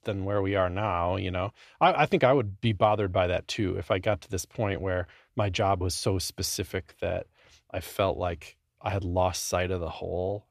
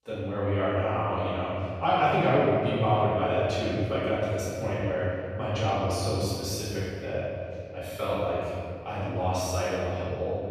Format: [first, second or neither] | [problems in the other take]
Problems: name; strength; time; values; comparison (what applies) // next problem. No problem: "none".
first | off-mic speech; far // room echo; strong; dies away in 2.3 s